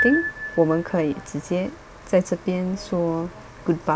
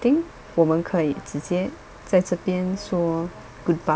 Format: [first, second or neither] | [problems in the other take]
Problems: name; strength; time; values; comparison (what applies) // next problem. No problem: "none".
second | background sound (Piano); 10 dB below the speech